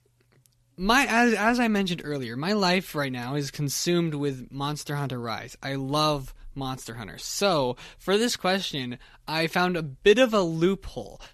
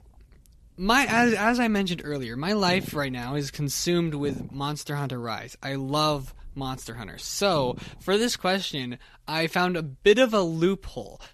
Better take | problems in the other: first | low rumble; faint; until 4.5 s and from 6 to 8.5 s; 20 dB below the speech

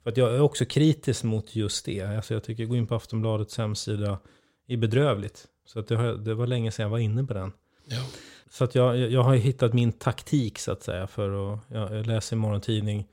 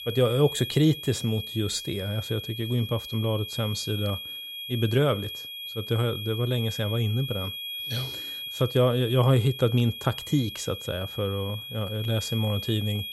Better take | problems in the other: first | high-pitched whine; loud; throughout; 3.5 kHz, 8 dB below the speech

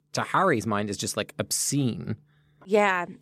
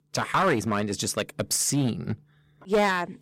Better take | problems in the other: first | distortion; slight; 5% of the sound clipped

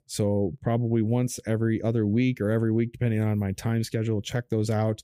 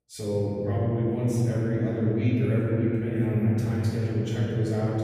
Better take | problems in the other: first | room echo; strong; dies away in 3 s // off-mic speech; far

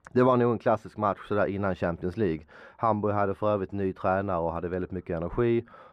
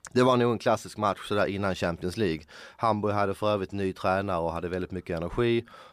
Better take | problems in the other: second | muffled; very; fading above 3 kHz

